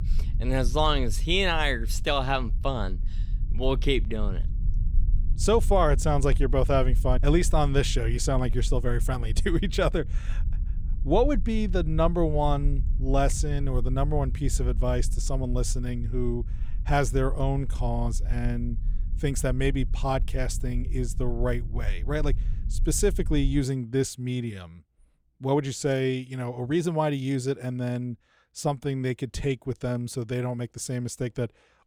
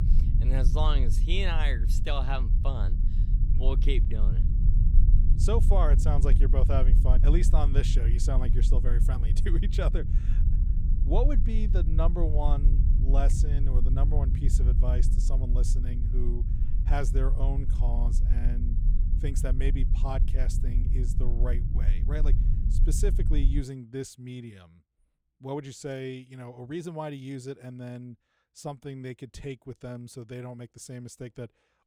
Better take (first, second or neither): first